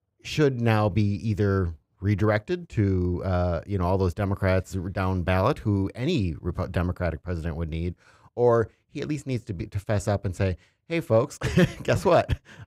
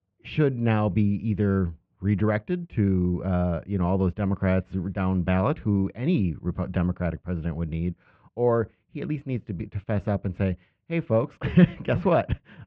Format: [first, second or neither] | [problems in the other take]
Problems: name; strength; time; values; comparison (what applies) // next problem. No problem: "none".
first | muffled; very; fading above 3 kHz